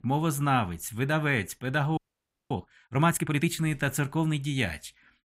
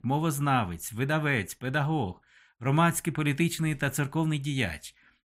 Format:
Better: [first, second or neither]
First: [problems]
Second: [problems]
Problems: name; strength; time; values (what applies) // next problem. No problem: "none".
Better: second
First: audio freezing; at 2 s for 0.5 s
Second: none